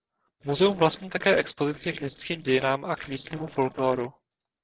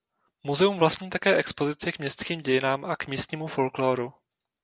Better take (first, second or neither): second